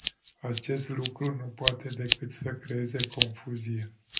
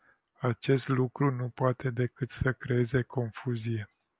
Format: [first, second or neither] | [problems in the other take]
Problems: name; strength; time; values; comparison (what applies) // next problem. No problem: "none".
second | background sound (Scissors); 1 dB below the speech // room echo; dies away in 0.3 s